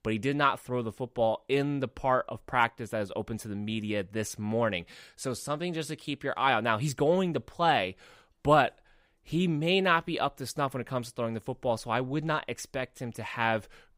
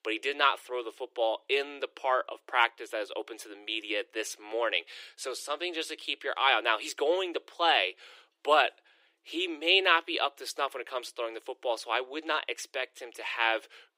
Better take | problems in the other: first | thin; very; fading below 350 Hz

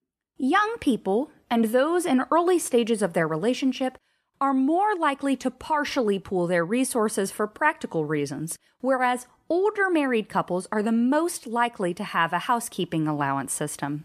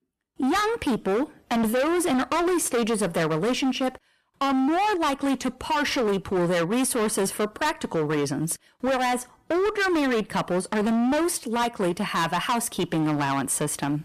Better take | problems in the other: first | distortion; heavy; 27% of the sound clipped

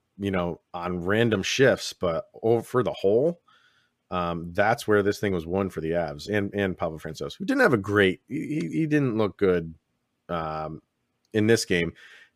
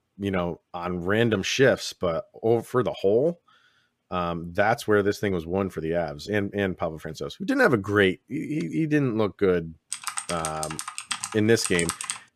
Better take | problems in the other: first | keyboard typing; noticeable; from 10 s on; peak 4 dB below the speech

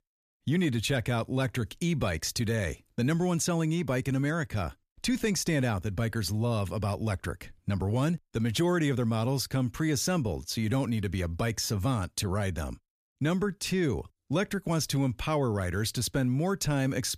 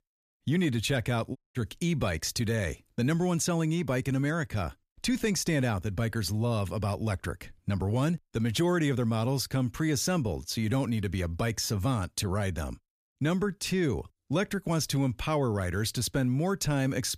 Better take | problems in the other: first | audio cutting out; at 1.5 s

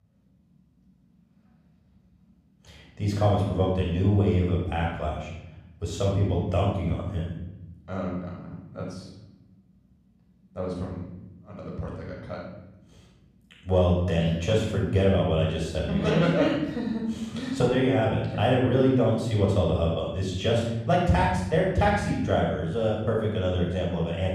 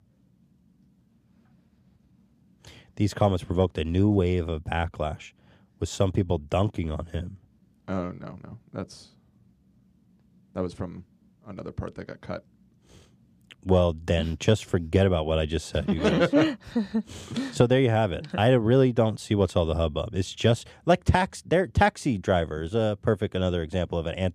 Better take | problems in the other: second | off-mic speech; far // room echo; noticeable; dies away in 0.9 s

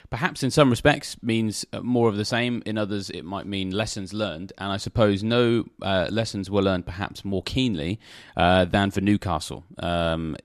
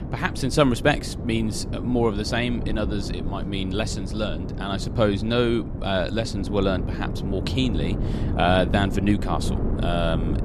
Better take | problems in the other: first | wind noise on the microphone; occasional gusts; 10 dB below the speech

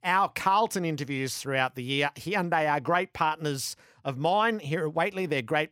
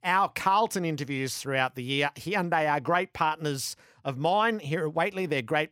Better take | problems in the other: neither | none

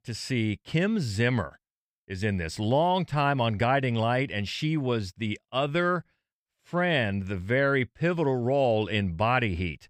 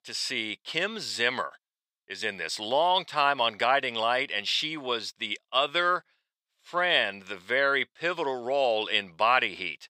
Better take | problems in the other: first | thin; very; fading below 550 Hz

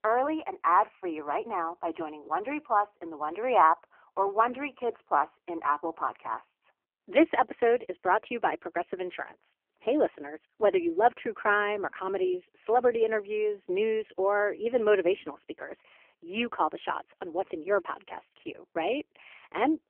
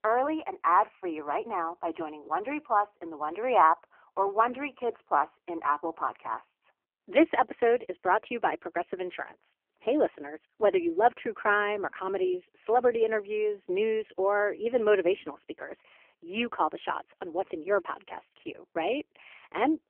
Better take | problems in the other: neither | phone-call audio; poor line; nothing above 3 kHz; the same in both

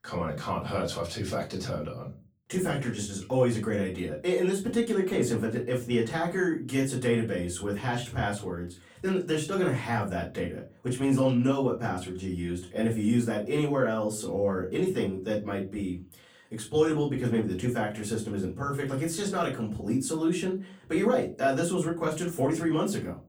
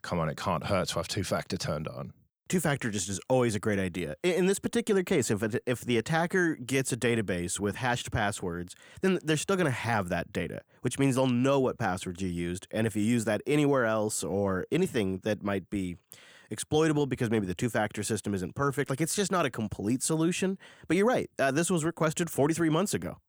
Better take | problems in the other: second | off-mic speech; far // room echo; very slight; dies away in 0.2 s

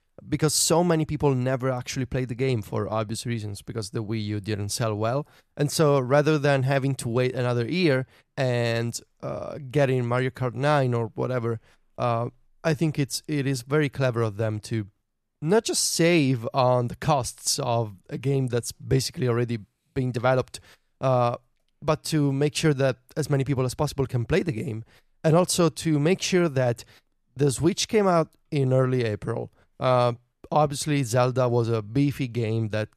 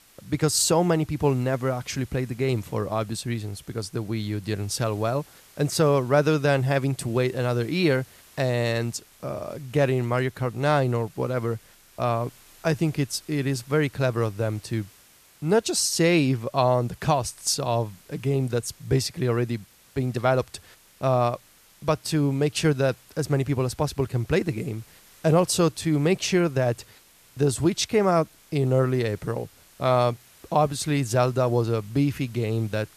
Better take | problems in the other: first | hiss; faint; throughout; 25 dB below the speech

